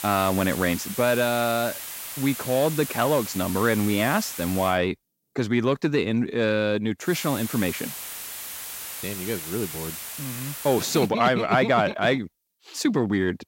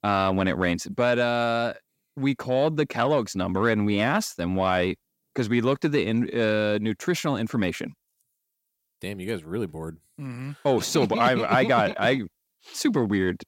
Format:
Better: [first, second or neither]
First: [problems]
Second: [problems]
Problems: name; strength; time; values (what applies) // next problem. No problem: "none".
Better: second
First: hiss; loud; until 4.5 s and from 7 to 11 s; 9 dB below the speech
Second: none